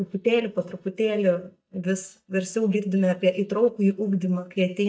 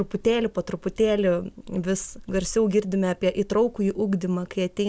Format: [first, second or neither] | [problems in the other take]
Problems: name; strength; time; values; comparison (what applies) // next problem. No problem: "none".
second | noise reduction (neural mask model DeepFilterNet 3)